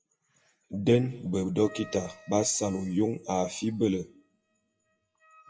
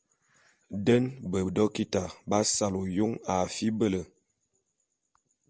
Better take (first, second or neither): second